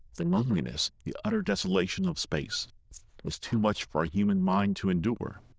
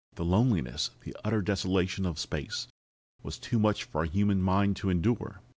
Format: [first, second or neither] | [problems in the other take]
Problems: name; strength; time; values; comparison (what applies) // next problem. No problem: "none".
second | noise reduction (neural diffusion model UNIVERSE++)